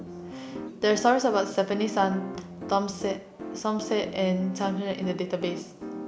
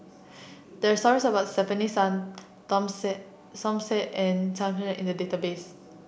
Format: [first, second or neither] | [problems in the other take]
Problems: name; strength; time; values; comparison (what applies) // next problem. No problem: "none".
second | background sound (Piano); 11 dB below the speech